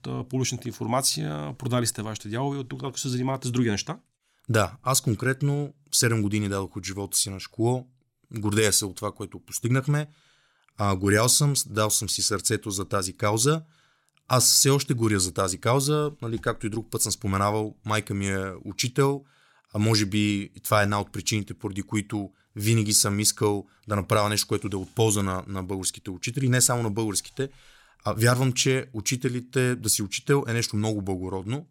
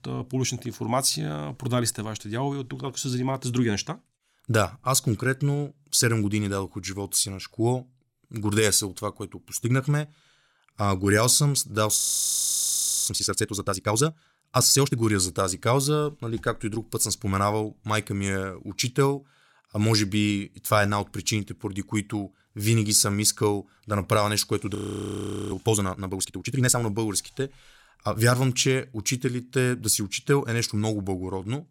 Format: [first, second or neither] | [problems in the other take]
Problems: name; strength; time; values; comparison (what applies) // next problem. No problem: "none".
first | audio freezing; at 12 s for 1 s and at 25 s for 1 s